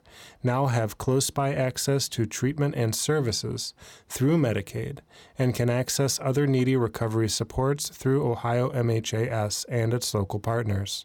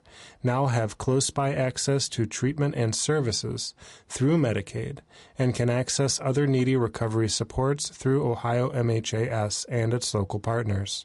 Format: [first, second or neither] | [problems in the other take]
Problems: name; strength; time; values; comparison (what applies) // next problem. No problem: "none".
first | garbled, watery; slightly; nothing above 10.5 kHz